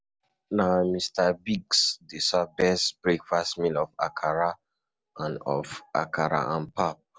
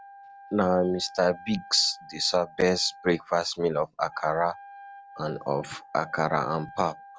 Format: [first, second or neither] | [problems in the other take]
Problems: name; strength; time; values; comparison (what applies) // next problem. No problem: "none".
first | background sound (Wind instrument, woodwind instrument); 19 dB below the speech